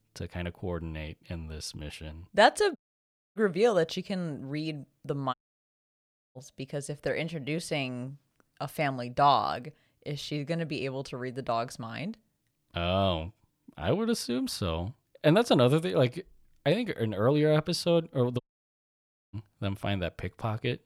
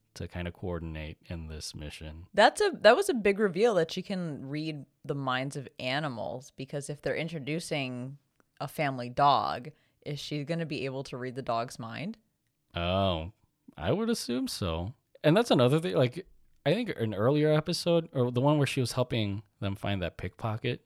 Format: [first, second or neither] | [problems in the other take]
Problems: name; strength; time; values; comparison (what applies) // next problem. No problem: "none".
second | audio cutting out; at 3 s for 0.5 s, at 5.5 s for 1 s and at 18 s for 1 s